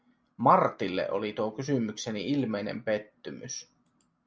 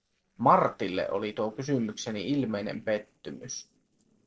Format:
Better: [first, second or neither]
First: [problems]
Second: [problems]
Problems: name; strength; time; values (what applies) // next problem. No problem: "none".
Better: first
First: none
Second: noise reduction (neural separator model SepFormer DNS4)